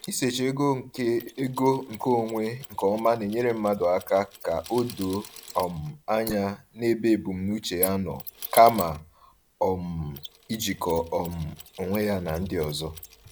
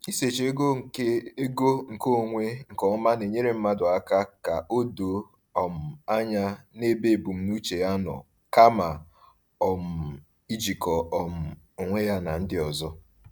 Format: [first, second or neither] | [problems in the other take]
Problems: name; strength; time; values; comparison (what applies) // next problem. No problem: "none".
second | noise reduction (neural mask model Resemble Enhance denoiser)